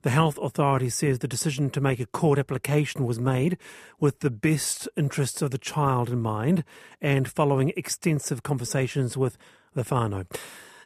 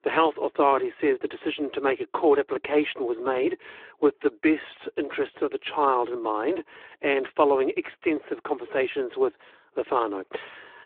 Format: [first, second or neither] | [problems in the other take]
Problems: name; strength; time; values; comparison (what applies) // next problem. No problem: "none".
first | phone-call audio